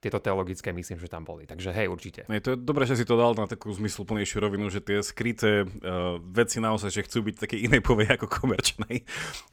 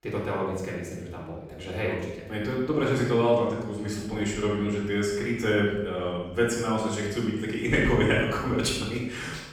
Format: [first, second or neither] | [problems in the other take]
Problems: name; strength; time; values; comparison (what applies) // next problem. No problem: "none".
first | off-mic speech; far // room echo; noticeable; dies away in 0.9 s